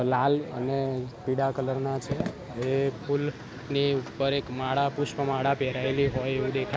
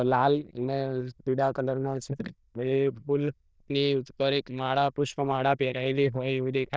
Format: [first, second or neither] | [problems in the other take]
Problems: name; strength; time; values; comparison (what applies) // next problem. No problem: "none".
first | noise reduction (neural diffusion model UNIVERSE++)